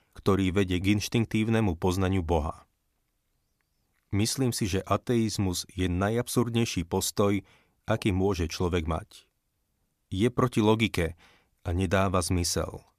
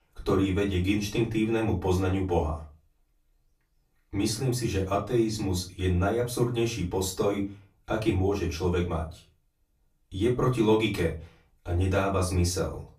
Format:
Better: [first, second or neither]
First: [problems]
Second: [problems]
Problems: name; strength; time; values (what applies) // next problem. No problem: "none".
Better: first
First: none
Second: off-mic speech; far // room echo; very slight; dies away in 0.3 s